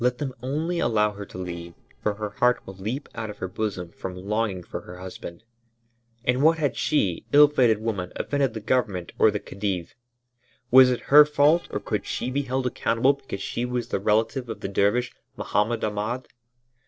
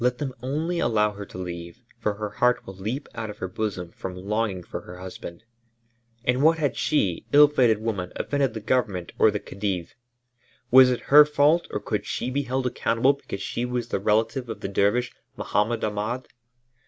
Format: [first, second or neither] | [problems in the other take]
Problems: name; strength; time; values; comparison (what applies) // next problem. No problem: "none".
second | noise reduction (neural separator model SepFormer DNS4)